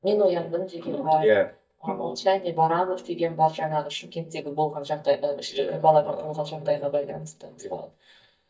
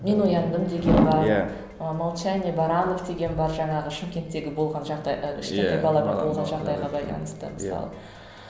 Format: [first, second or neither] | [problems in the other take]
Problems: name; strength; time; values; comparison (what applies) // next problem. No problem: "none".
second | noise reduction (neural mask model DeepFilterNet 3)